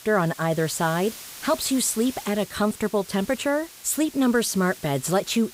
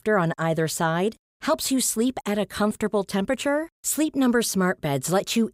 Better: second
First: hiss; noticeable; throughout; 15 dB below the speech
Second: none

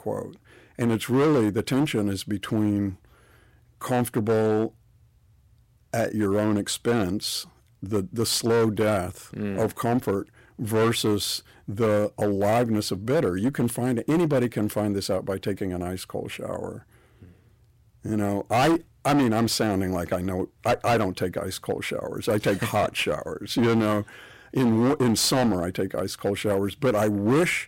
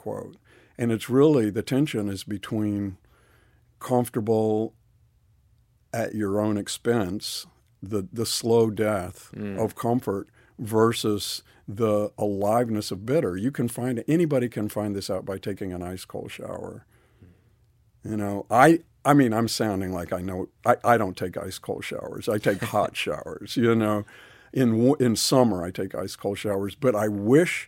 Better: second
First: distortion; heavy; 10% of the sound clipped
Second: none

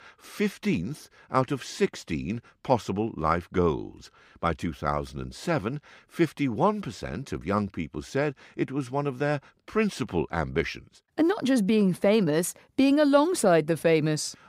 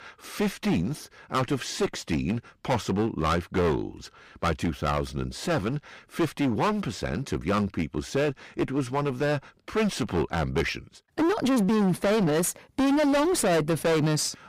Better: first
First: none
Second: distortion; heavy; 17% of the sound clipped

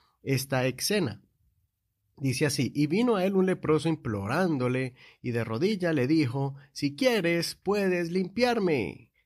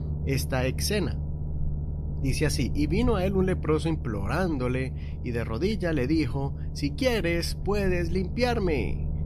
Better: first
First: none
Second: low rumble; noticeable; throughout; 15 dB below the speech

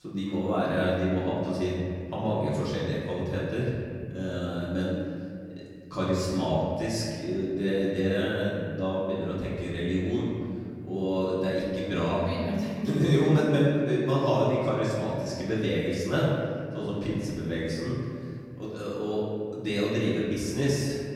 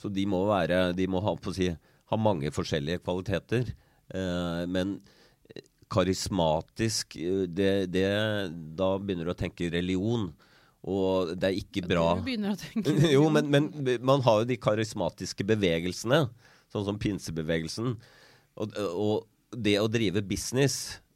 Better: second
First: room echo; strong; dies away in 2.3 s // off-mic speech; far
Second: none

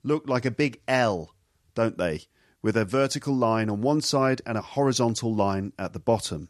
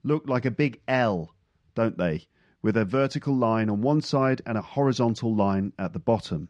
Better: first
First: none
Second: muffled; very slightly; fading above 3.5 kHz

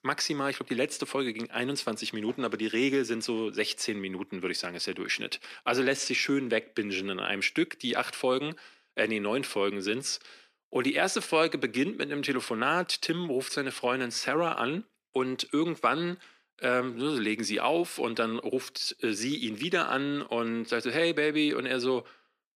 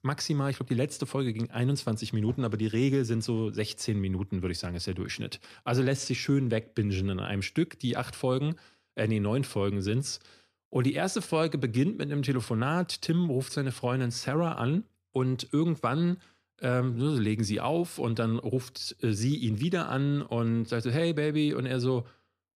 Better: second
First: thin; somewhat; fading below 250 Hz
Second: none

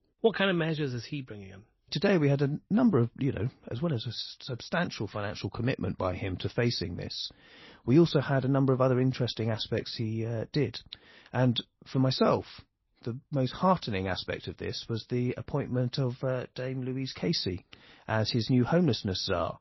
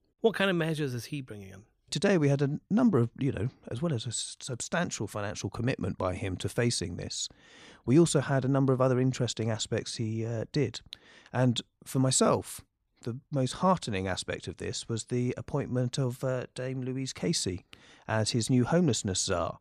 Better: second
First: garbled, watery; slightly; nothing above 5.5 kHz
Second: none

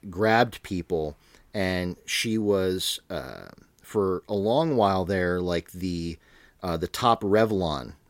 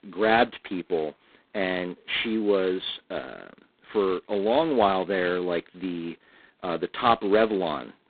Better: first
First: none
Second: phone-call audio; poor line; nothing above 4 kHz

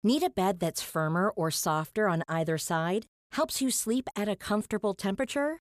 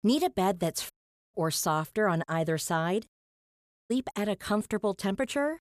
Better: first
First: none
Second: audio cutting out; at 1 s and at 3 s for 0.5 s

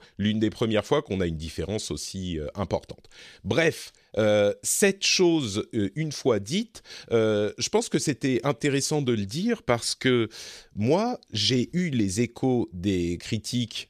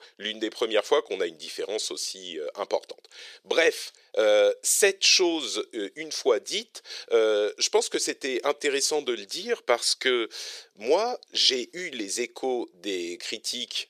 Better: first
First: none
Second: thin; very; fading below 400 Hz

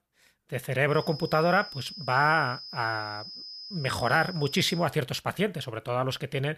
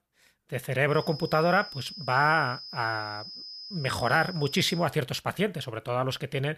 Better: neither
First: high-pitched whine; noticeable; from 1 to 5 s; 5 kHz, 10 dB below the speech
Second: high-pitched whine; noticeable; from 1 to 5 s; 5 kHz, 10 dB below the speech

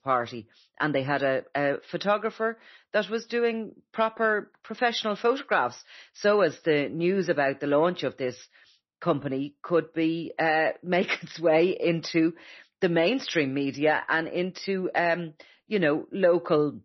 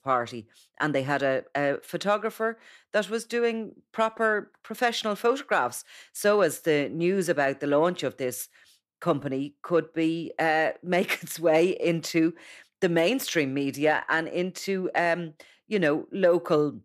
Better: second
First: garbled, watery; slightly; nothing above 6 kHz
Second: none

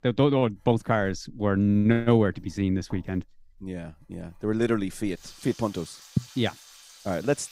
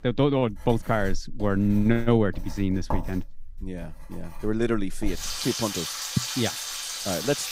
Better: first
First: household noises; faint; throughout; 25 dB below the speech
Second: household noises; loud; throughout; 6 dB below the speech

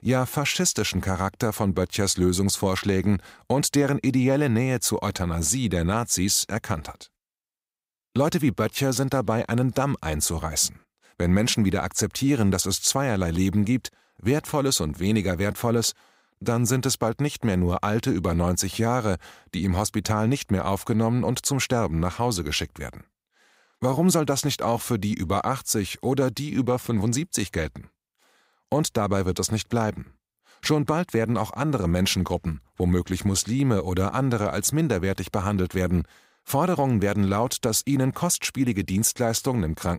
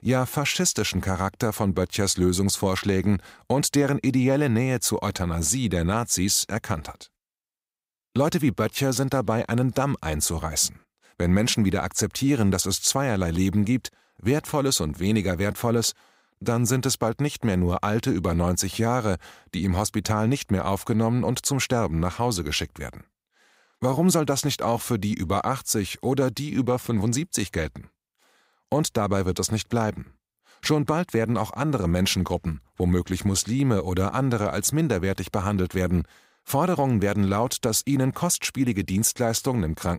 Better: neither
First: none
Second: none

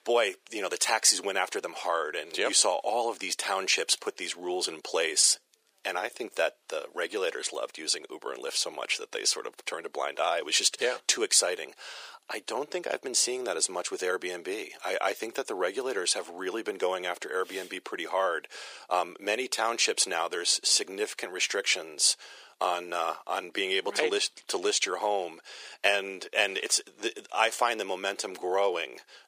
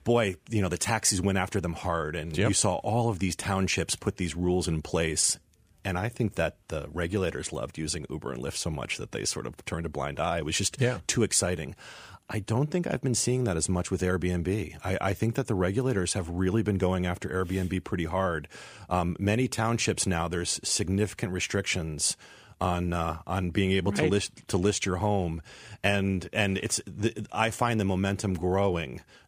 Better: second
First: thin; very; fading below 400 Hz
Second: none

